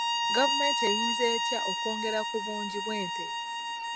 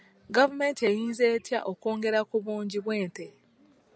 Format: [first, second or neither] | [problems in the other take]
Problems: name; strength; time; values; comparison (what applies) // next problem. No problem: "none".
second | background sound (Bowed string instrument); 3 dB above the speech